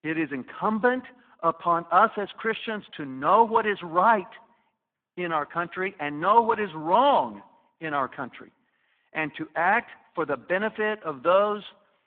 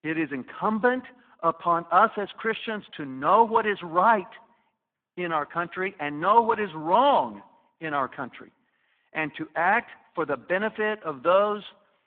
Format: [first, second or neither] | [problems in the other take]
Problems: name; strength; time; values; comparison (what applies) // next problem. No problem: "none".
neither | phone-call audio; poor line; the same in both